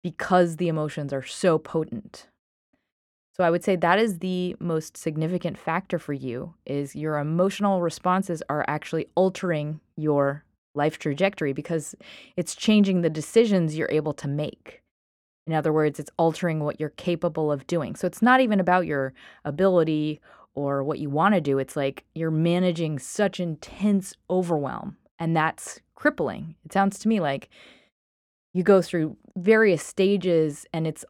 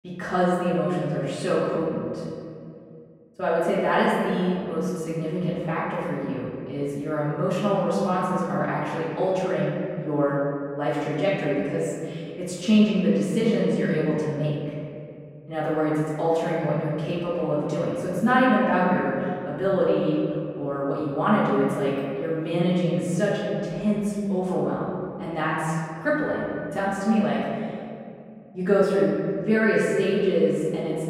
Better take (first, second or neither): first